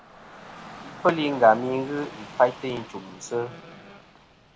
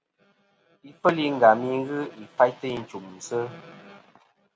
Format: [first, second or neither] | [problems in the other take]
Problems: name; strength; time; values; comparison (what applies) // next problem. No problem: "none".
second | background sound (Rain / Dog); 18 dB below the speech